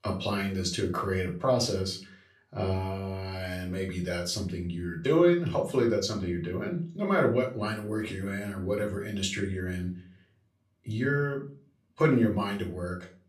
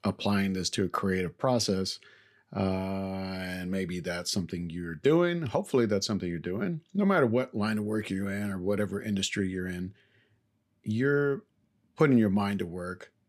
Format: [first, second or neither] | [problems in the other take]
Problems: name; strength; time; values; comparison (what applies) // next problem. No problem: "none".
second | off-mic speech; far // room echo; slight; dies away in 0.3 s